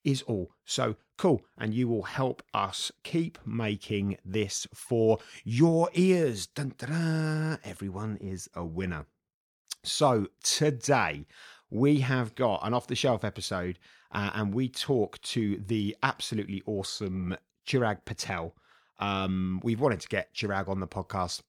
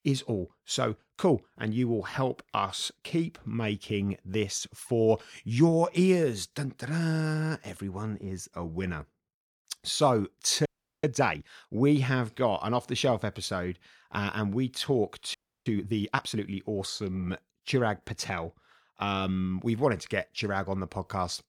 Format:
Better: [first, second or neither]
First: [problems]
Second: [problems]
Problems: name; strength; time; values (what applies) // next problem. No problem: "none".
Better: first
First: none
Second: audio freezing; at 11 s and at 15 s